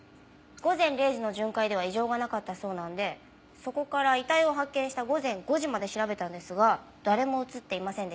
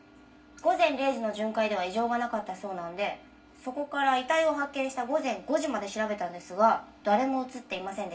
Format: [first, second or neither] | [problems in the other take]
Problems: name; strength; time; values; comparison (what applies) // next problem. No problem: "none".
first | room echo; dies away in 0.2 s